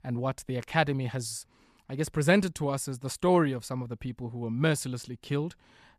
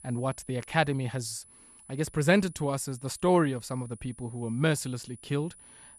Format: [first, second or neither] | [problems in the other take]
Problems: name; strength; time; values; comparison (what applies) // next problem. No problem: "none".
first | high-pitched whine; faint; throughout; 10 kHz, 20 dB below the speech